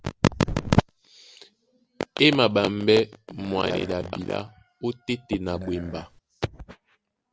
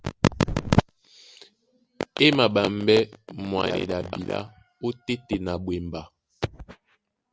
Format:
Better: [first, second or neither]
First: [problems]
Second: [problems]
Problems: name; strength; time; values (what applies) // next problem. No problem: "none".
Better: second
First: background sound (Burping, eructation); 17 dB below the speech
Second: none